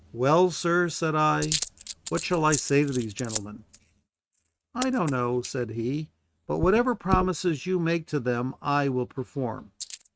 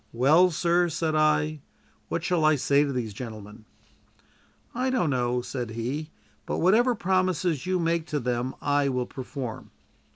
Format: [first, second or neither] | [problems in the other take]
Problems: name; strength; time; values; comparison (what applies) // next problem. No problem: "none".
second | noise reduction (neural mask model RNNoise)